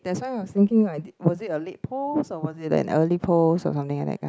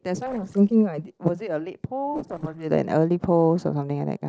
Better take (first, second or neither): first